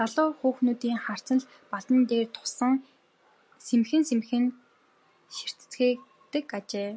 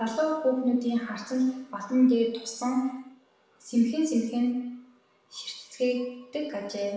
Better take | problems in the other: first | room echo; dies away in 0.8 s

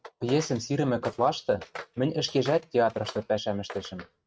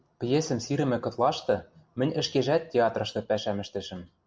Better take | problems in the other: second | noise reduction (neural mask model RNNoise)

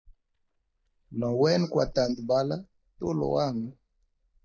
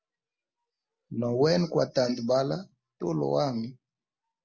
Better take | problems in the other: second | noise reduction (neural mask model DeepFilterNet 3)

